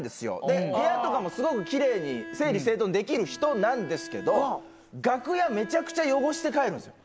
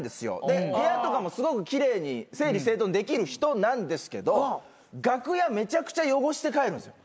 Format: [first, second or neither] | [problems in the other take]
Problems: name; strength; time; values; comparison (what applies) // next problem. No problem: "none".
second | background sound (Bowed string instrument); 16 dB below the speech